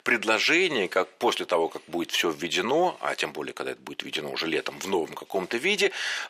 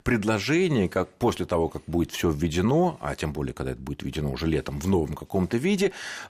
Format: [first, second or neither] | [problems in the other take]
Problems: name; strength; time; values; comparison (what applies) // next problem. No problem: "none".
second | thin; very; fading below 450 Hz